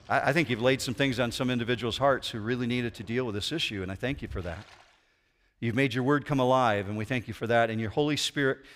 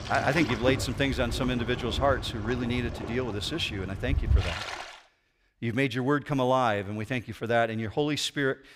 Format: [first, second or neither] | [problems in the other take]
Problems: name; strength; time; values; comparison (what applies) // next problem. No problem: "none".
first | rain or running water; loud; until 5 s; 5 dB below the speech; faint in the first